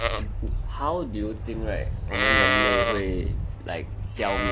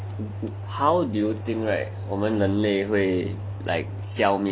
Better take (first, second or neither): second